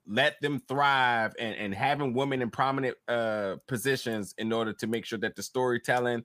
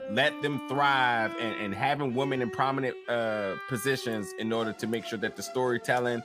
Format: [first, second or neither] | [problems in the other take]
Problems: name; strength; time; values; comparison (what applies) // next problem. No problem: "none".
first | background music; noticeable; throughout; 10 dB below the speech